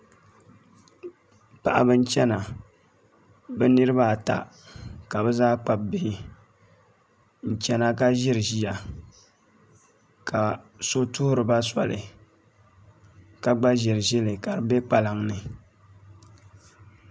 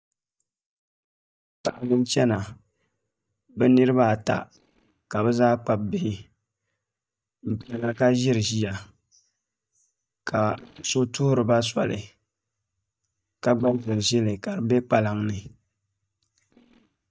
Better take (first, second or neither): first